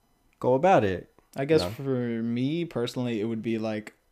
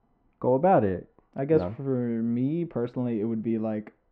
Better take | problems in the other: first | muffled; very; fading above 1.5 kHz

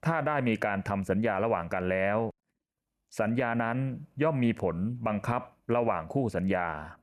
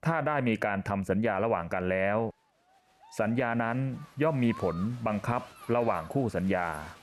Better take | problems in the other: first | crowd noise; faint; throughout; 20 dB below the speech

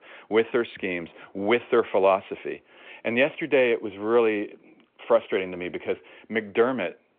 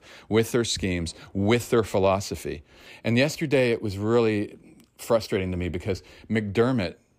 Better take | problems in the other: second | phone-call audio

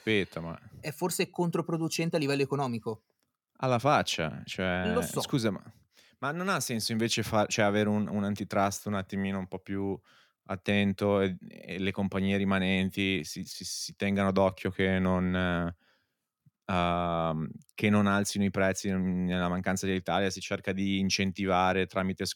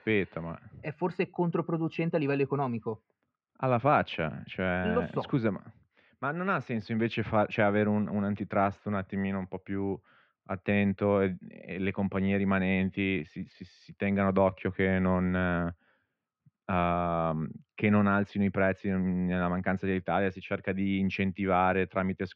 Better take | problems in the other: first | muffled; very; fading above 2.5 kHz

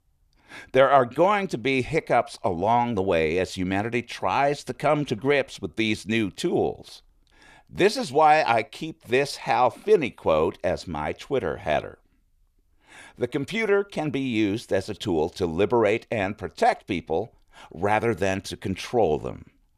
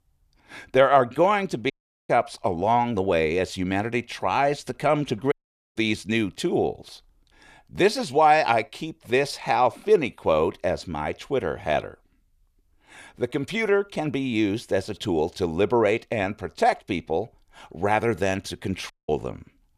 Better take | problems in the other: first | audio cutting out; at 1.5 s, at 5.5 s and at 19 s

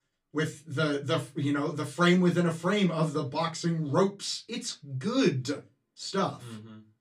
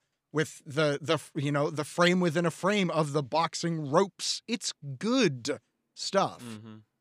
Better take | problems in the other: second | off-mic speech; far // room echo; very slight; dies away in 0.2 s

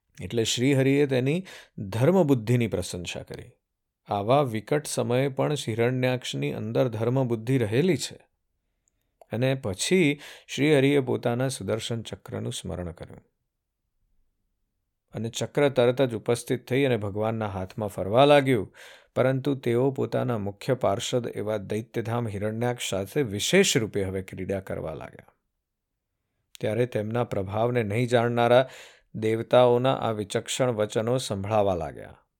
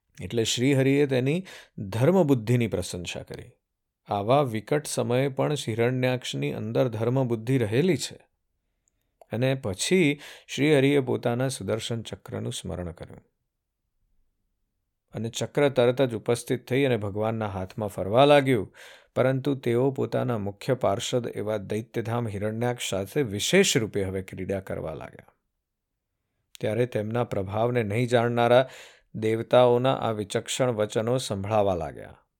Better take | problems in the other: neither | none

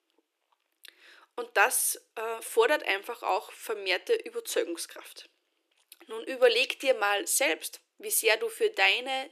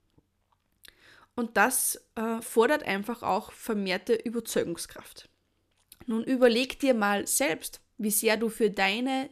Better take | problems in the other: second | thin; very; fading below 350 Hz

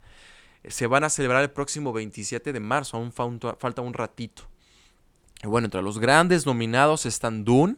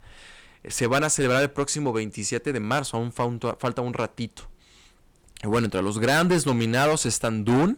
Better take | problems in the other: first | distortion; heavy; 7% of the sound clipped

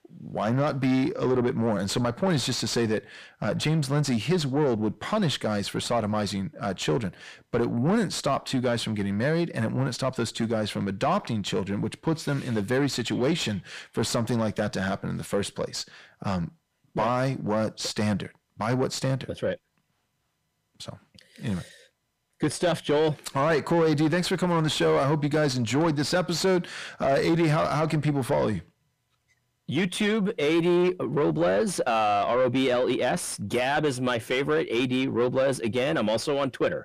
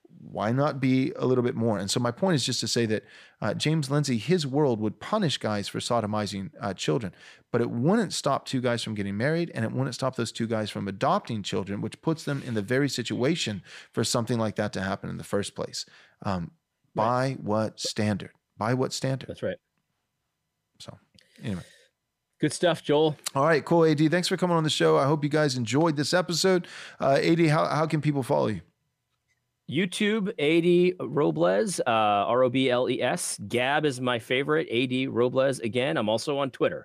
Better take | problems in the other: second | distortion; slight; 10 dB below the speech

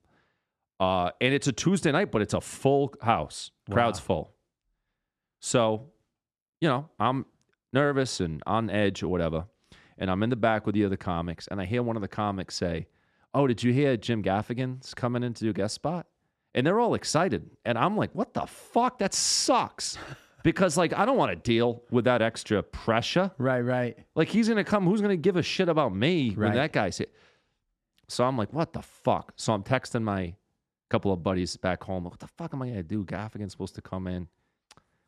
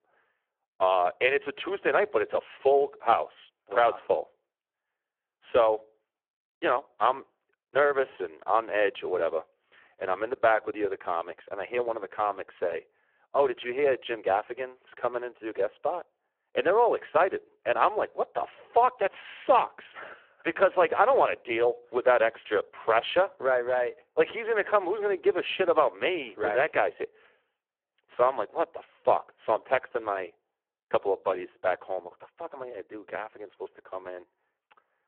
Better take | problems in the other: first | phone-call audio; poor line

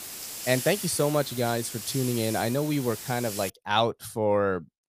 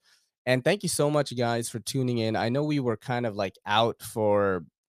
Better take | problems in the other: second | hiss; loud; until 3.5 s; 8 dB below the speech

